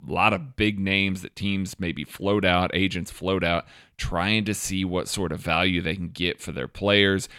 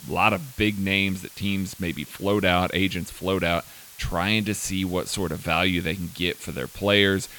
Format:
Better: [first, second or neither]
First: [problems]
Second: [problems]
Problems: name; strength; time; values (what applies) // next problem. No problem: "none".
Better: first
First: none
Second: hiss; noticeable; throughout; 20 dB below the speech